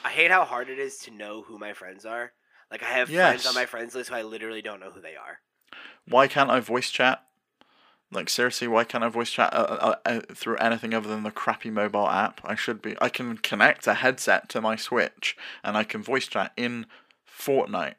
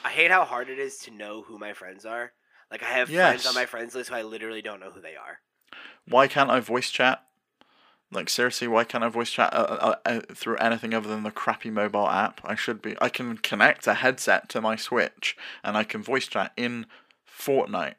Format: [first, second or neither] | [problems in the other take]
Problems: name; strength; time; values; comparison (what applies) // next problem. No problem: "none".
neither | thin; somewhat; fading below 350 Hz; the same in both